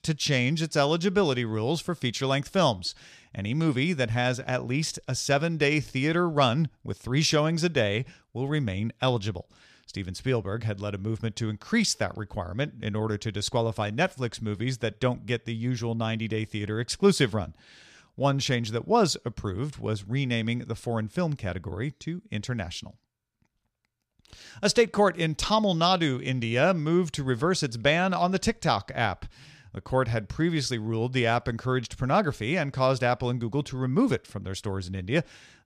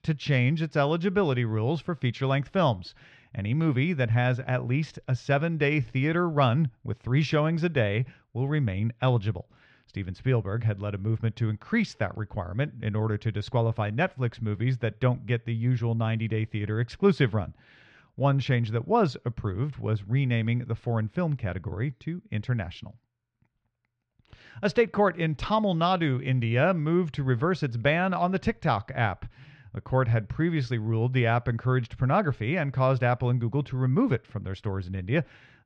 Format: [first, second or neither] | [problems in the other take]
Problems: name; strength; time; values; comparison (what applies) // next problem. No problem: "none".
first | muffled; slightly; fading above 2 kHz